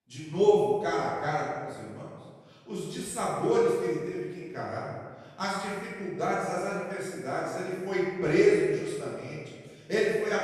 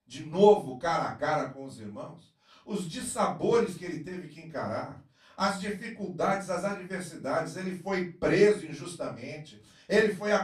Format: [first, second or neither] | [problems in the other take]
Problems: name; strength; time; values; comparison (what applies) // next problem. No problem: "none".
second | room echo; strong; dies away in 1.3 s; slight in the second // off-mic speech; far; far in the second